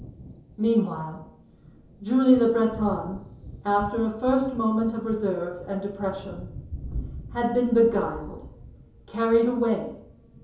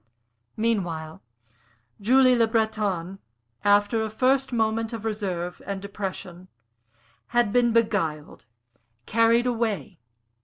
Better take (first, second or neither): second